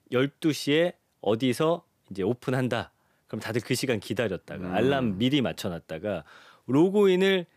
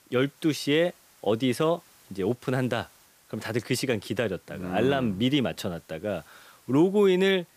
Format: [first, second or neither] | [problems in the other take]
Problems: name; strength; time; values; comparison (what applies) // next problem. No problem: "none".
first | hiss; faint; throughout; 30 dB below the speech